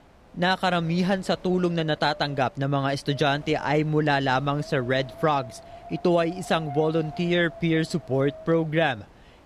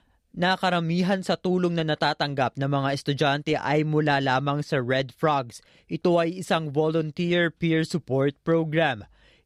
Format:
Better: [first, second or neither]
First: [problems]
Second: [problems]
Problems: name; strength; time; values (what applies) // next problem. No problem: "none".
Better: second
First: wind noise on the microphone; occasional gusts; 20 dB below the speech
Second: none